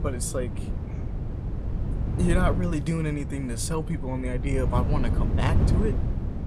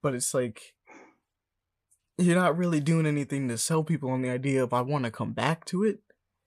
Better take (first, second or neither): second